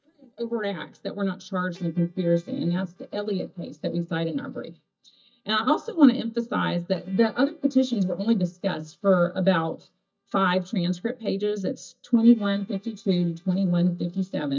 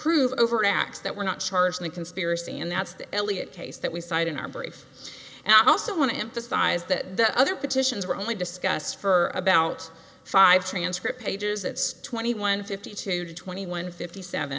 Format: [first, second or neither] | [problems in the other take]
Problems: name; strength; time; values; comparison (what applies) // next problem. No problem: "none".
second | noise reduction (neural mask model DeepFilterNet 3)